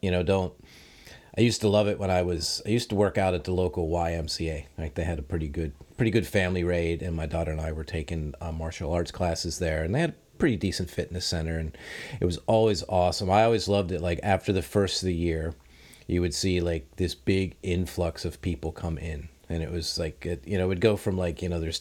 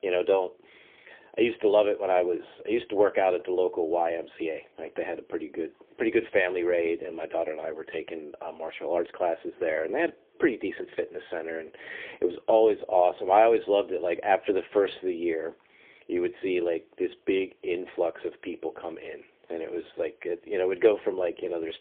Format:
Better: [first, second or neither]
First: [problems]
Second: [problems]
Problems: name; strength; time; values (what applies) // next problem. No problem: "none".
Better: first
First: none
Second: phone-call audio; poor line